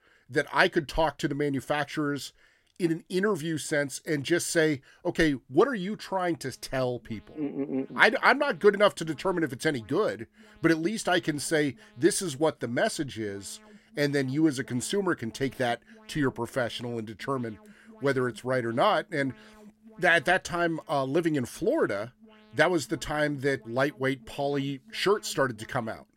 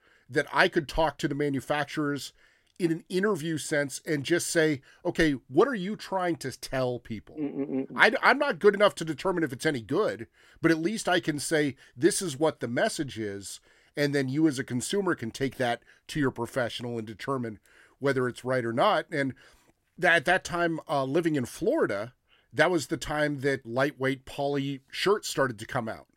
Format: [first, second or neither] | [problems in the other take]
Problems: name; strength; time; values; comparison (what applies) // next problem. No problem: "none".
second | alarms or sirens; faint; from 6 s on; 30 dB below the speech